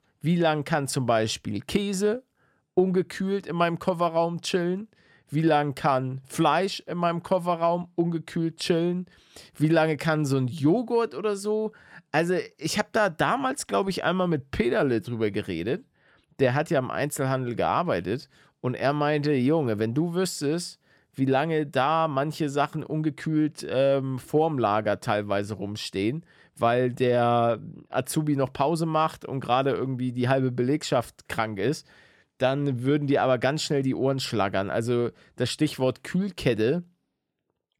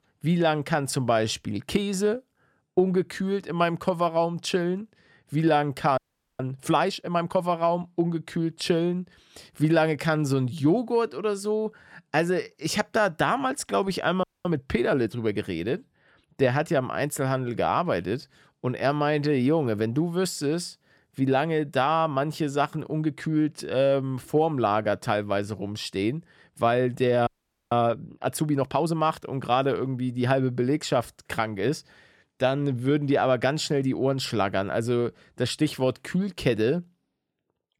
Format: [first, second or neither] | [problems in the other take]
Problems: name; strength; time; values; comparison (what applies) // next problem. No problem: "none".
first | audio freezing; at 6 s, at 14 s and at 27 s